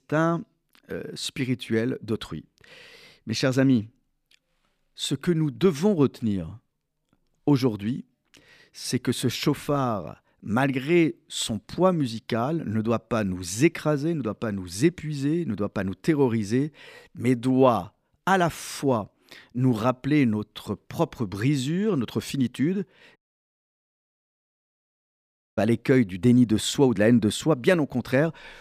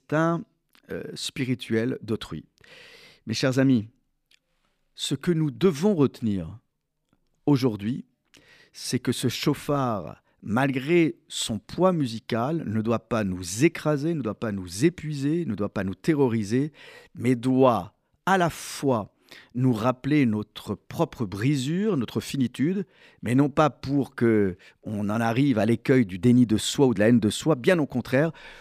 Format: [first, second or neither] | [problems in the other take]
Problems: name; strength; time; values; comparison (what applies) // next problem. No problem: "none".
second | audio cutting out; at 23 s for 2.5 s